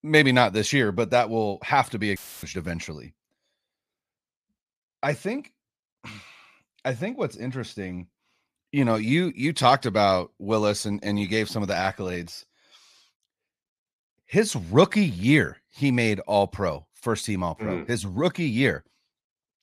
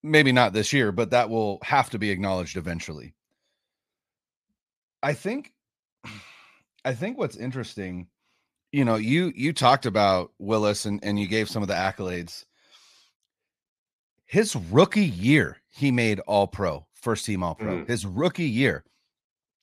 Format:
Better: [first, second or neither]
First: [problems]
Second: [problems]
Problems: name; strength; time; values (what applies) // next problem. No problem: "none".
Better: second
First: audio cutting out; filled with static; at 2 s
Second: none